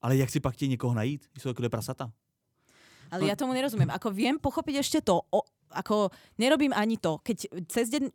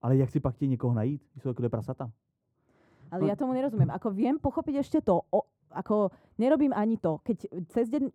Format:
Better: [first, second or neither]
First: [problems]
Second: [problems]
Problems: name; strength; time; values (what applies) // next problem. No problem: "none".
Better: first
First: none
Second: muffled; very; fading above 1.5 kHz